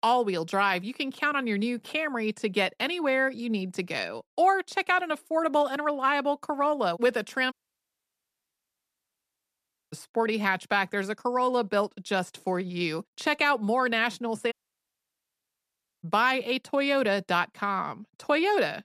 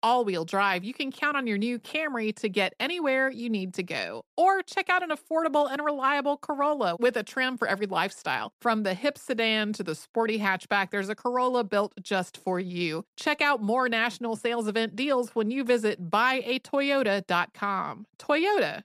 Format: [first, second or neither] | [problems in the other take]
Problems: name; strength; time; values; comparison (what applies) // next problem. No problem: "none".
second | audio cutting out; at 7.5 s for 2.5 s and at 15 s for 1.5 s